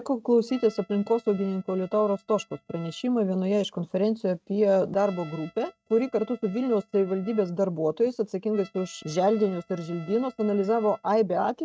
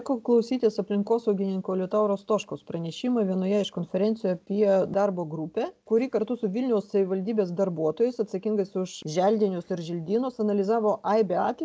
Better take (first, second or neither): second